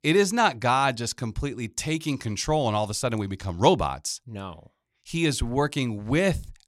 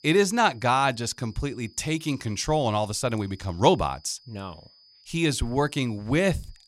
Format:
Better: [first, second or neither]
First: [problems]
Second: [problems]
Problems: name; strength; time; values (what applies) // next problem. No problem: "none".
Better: first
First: none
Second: high-pitched whine; faint; throughout; 5 kHz, 30 dB below the speech